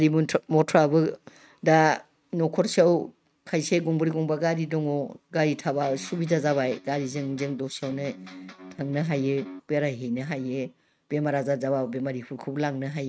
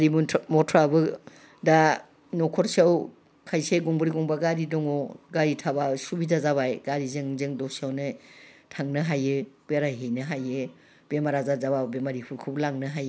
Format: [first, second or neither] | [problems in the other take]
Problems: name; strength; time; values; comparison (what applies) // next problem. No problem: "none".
second | noise reduction (neural mask model RNNoise)